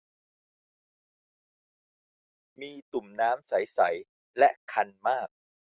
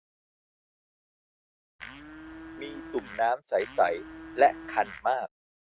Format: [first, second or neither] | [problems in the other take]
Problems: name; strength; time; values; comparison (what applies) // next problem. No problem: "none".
first | background sound (Domestic sounds, home sounds); 12 dB below the speech